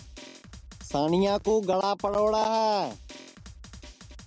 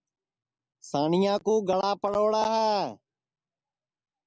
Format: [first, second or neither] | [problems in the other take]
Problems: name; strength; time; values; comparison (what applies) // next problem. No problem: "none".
second | background sound (Drum); 19 dB below the speech